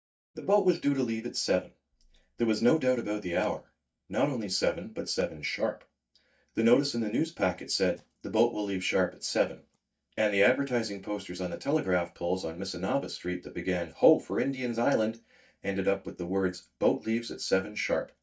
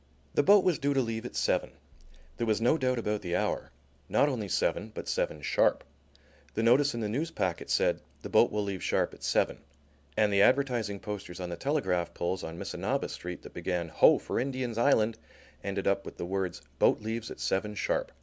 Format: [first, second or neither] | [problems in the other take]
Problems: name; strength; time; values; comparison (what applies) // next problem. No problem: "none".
second | noise reduction (neural mask model DeepFilterNet 3)